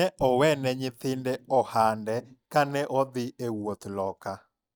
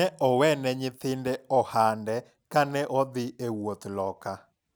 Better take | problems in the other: second | noise reduction (neural mask model DeepFilterNet 3)

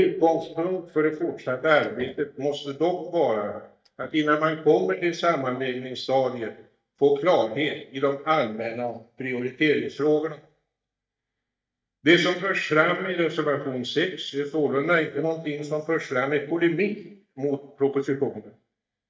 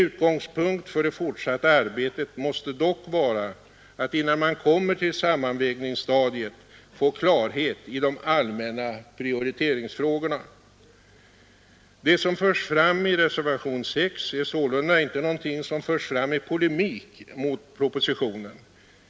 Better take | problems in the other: second | noise reduction (neural mask model DeepFilterNet 3)

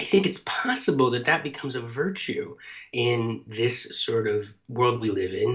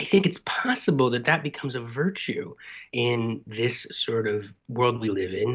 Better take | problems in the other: second | room echo; dies away in 0.3 s

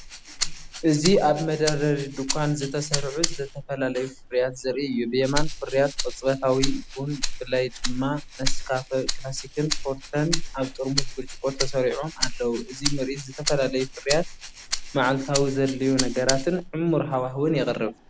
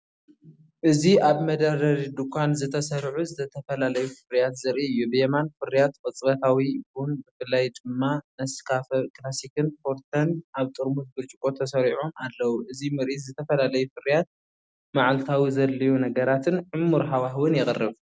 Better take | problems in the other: second | background sound (Rattle (instrument)); 4 dB below the speech

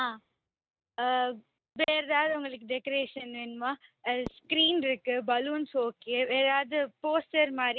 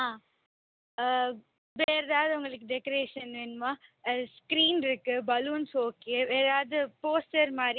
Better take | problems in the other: second | noise reduction (neural mask model RNNoise)

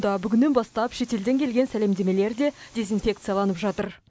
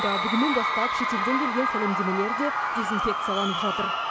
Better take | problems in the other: first | background sound (Crowd / Cheering); 2 dB above the speech

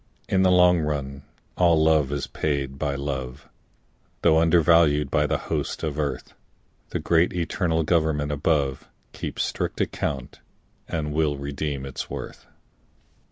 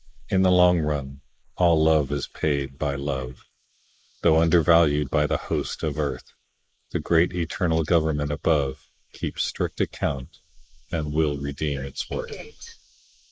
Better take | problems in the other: first | noise reduction (neural mask model Resemble Enhance denoiser)

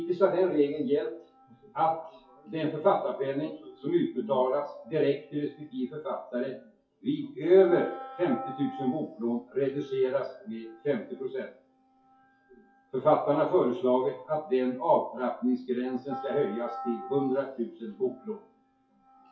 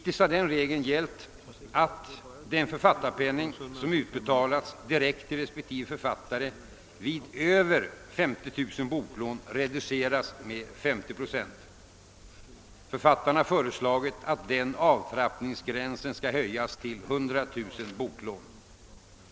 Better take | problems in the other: second | noise reduction (classical method WPE with log-MMSE)

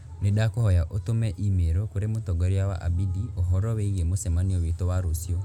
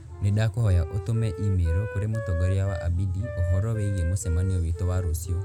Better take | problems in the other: first | background sound (Wind instrument, woodwind instrument); 14 dB below the speech

